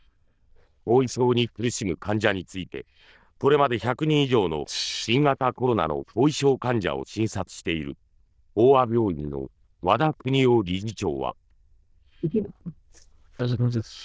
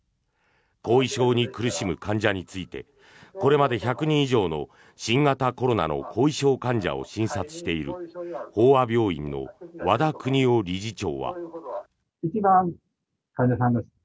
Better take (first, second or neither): second